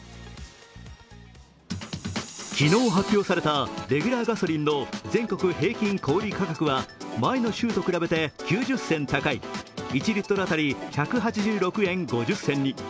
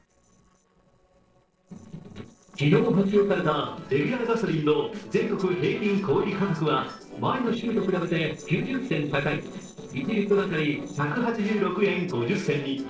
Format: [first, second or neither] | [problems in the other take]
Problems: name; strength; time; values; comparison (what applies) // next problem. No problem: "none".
first | noise reduction (neural separator model SepFormer DNS4)